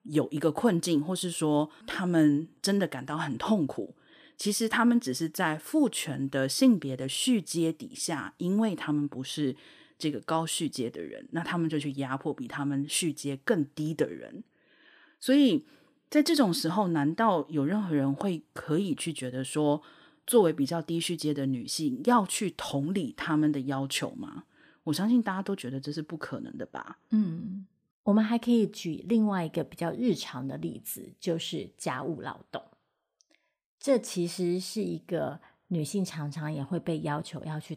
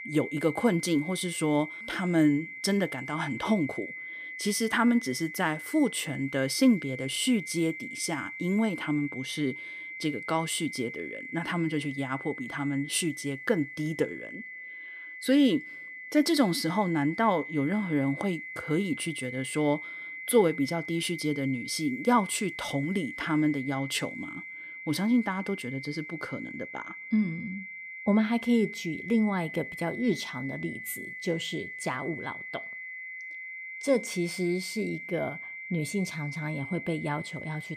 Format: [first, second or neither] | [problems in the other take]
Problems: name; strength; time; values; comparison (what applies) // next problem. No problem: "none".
first | high-pitched whine; loud; throughout; 2 kHz, 9 dB below the speech